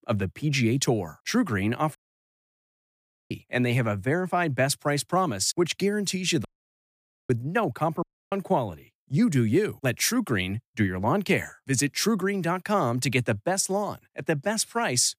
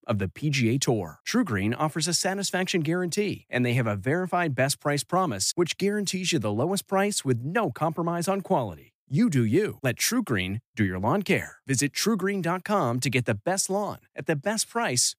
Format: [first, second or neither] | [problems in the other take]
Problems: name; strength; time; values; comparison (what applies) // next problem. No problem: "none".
second | audio cutting out; at 2 s for 1.5 s, at 6.5 s for 1 s and at 8 s